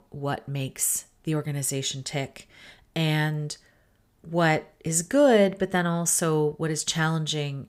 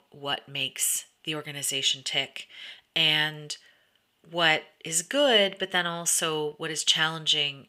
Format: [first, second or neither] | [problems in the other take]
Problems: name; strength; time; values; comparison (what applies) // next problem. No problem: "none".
first | thin; somewhat; fading below 550 Hz